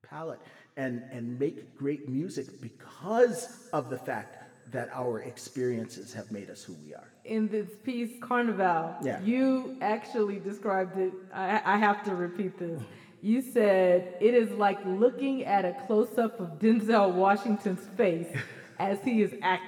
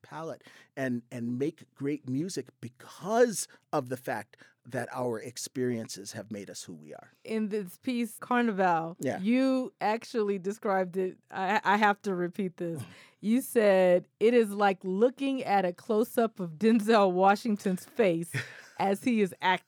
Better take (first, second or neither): second